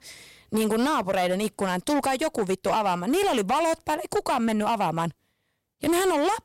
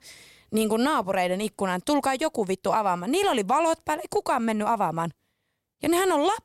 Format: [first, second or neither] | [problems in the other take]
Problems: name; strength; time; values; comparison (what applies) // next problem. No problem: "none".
second | distortion; slight; 13% of the sound clipped